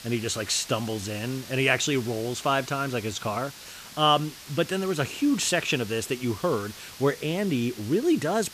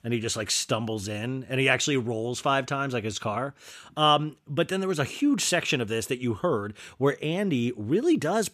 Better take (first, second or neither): second